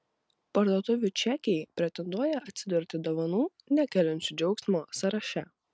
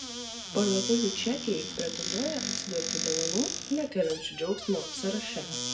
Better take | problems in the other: first | background sound (Squeak / Cupboard open or close); 3 dB below the speech // room echo; dies away in 0.4 s

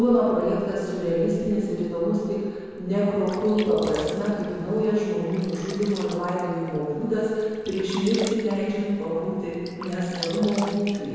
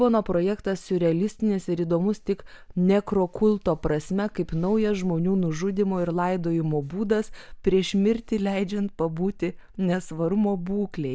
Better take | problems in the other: second | background sound (Sink (filling or washing)); 16 dB below the speech // room echo; dies away in 1.9 s

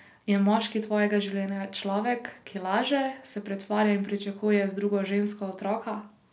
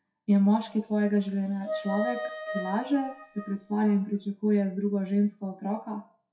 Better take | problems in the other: first | noise reduction (classical method WPE with log-MMSE)

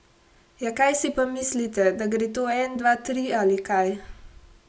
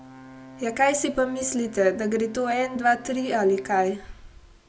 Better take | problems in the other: first | background sound (Brass instrument); 19 dB below the speech

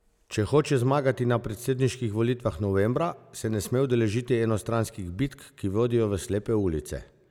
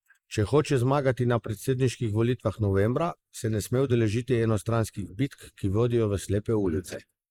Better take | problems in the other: first | noise reduction (neural mask model Resemble Enhance denoiser)

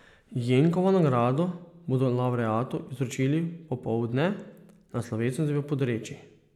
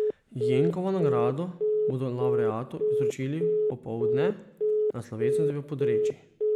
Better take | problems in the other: first | background sound (Telephone); 4 dB above the speech

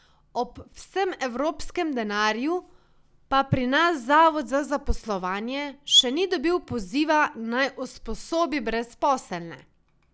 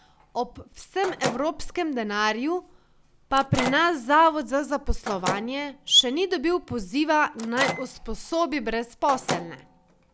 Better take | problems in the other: first | background sound (Microwave oven); 11 dB below the speech

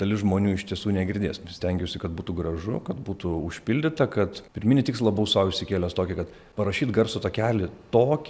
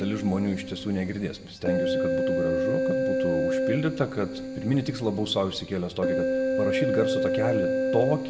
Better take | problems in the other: first | background sound (Keyboard (musical)); 2 dB above the speech // room echo; dies away in 1.8 s

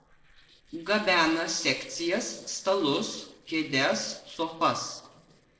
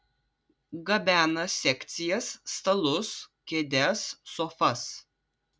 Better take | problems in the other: second | noise reduction (neural separator model SepFormer DNS4)

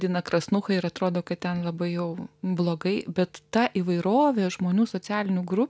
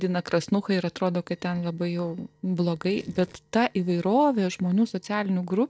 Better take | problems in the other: first | noise reduction (neural separator model SepFormer DNS4)

